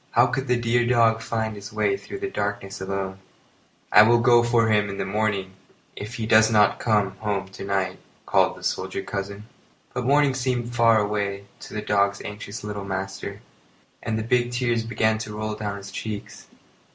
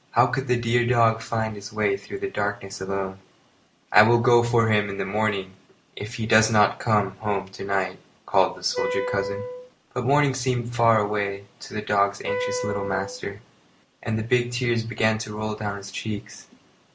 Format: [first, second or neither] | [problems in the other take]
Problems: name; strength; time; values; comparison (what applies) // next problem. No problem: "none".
first | background sound (Wind instrument, woodwind instrument); 6 dB below the speech